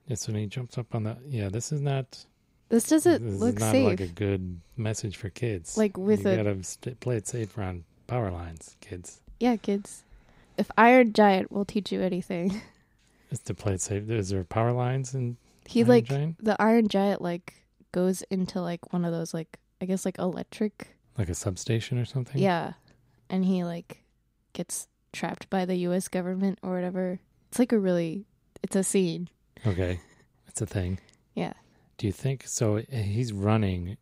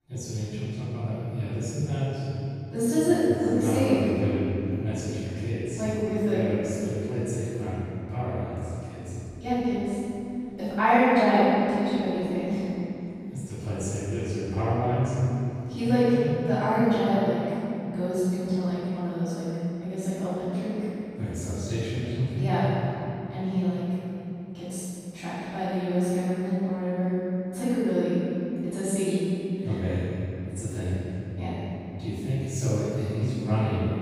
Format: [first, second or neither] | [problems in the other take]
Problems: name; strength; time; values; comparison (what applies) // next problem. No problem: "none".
first | room echo; strong; dies away in 3 s // off-mic speech; far